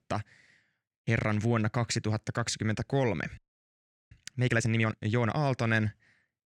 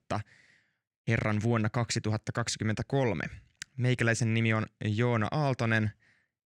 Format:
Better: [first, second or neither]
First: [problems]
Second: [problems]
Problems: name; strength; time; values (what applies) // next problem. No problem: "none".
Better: second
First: audio freezing; at 3.5 s for 0.5 s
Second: none